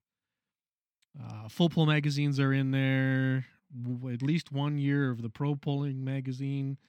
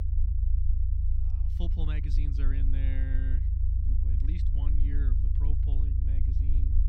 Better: first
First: none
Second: low rumble; loud; throughout; as loud as the speech

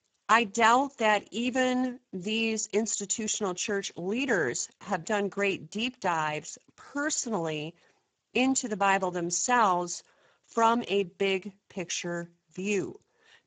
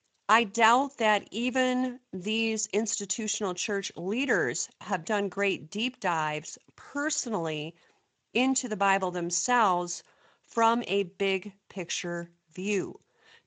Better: second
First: garbled, watery; badly; nothing above 7.5 kHz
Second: garbled, watery; slightly; nothing above 7.5 kHz

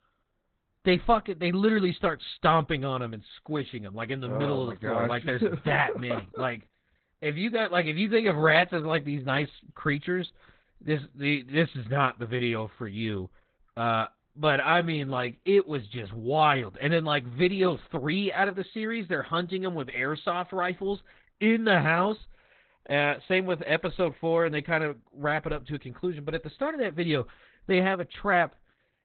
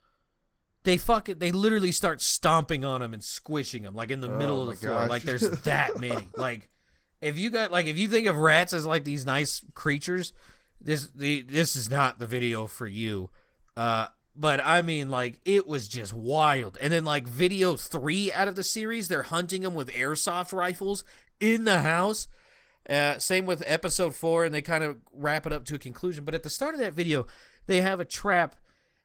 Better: second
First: garbled, watery; badly; nothing above 4 kHz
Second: garbled, watery; slightly; nothing above 16.5 kHz

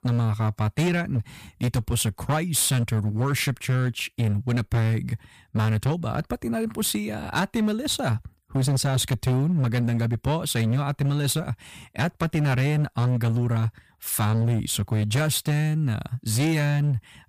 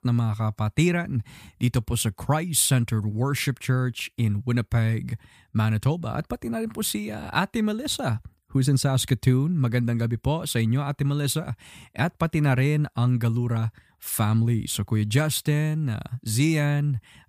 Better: second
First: distortion; slight; 15% of the sound clipped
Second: none

